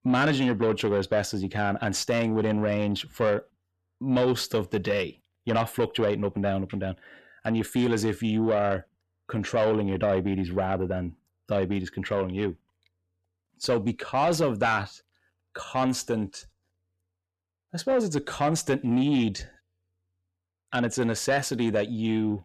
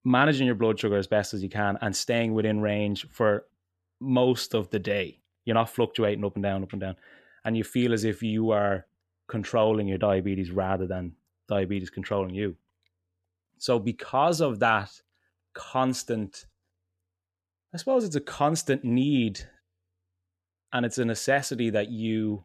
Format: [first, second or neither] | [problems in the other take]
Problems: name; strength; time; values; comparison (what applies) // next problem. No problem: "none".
second | distortion; slight; 10 dB below the speech